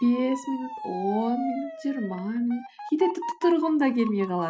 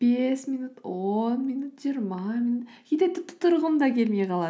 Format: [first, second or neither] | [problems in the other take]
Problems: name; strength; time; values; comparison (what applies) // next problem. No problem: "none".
second | noise reduction (classical method spectral subtraction)